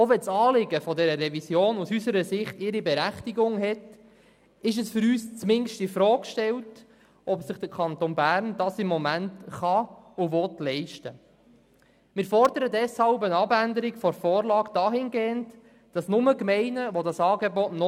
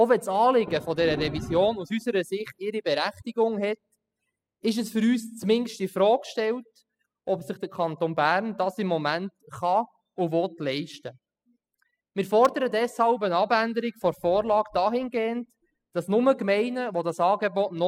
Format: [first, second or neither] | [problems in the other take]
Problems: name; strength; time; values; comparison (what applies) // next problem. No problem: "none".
first | noise reduction (classical method spectral subtraction)